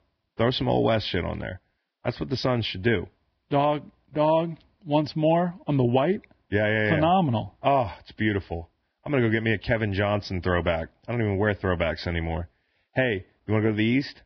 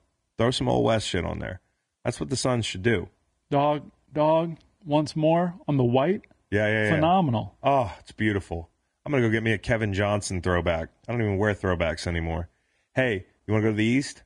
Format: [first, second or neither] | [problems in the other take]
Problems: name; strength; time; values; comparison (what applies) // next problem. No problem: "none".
second | garbled, watery; badly; nothing above 5.5 kHz; slightly in the second